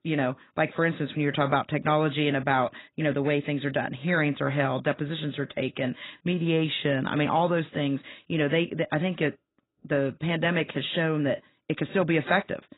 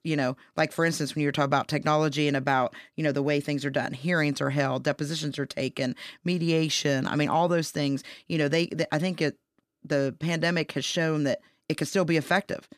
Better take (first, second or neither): second